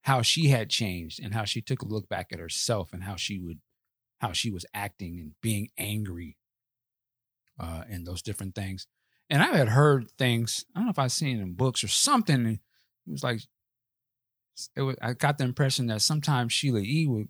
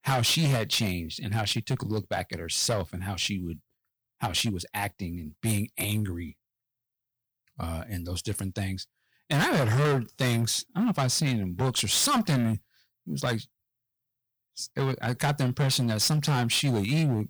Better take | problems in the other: first | distortion; heavy; 10% of the sound clipped

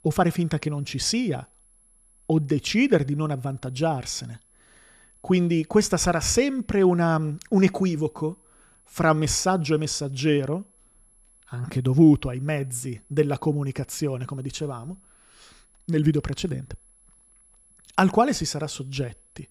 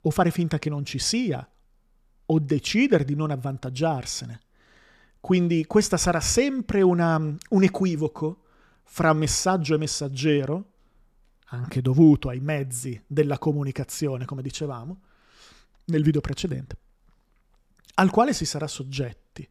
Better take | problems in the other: second | high-pitched whine; faint; throughout; 11 kHz, 30 dB below the speech

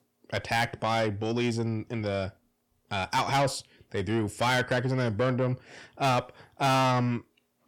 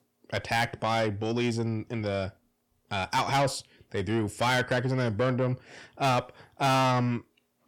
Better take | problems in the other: neither | distortion; heavy; 6 dB below the speech; the same in both

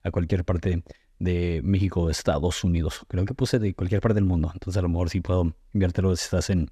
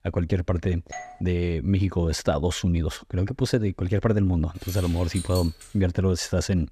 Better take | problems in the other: first | doorbell; faint; at 1 s; peak 15 dB below the speech // jangling keys; faint; from 4.5 to 5.5 s; peak 10 dB below the speech

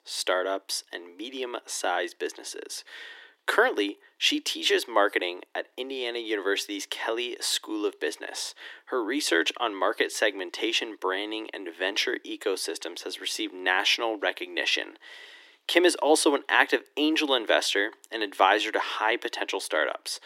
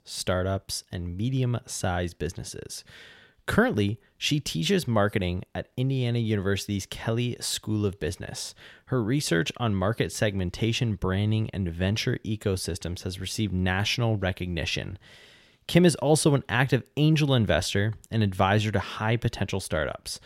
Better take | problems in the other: second | thin; very; fading below 300 Hz

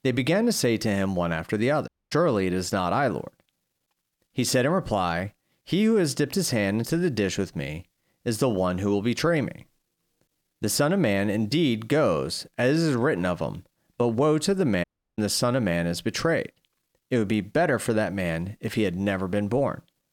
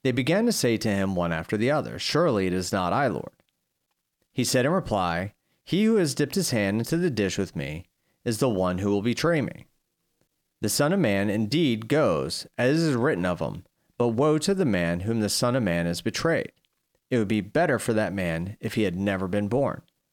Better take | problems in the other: second | audio cutting out; at 2 s and at 15 s

